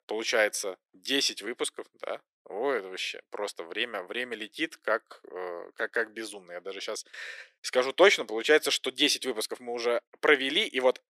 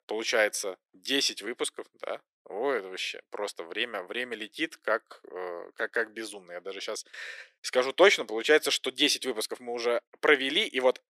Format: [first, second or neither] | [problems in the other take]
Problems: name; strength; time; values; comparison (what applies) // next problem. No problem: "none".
neither | thin; very; fading below 350 Hz; the same in both